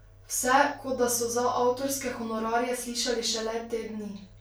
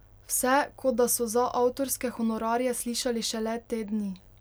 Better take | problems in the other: second | room echo; dies away in 0.3 s

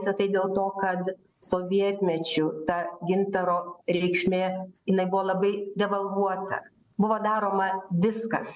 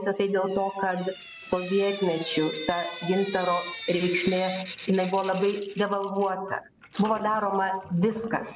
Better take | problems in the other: first | background sound (Drip / Sink (filling or washing)); 14 dB below the speech

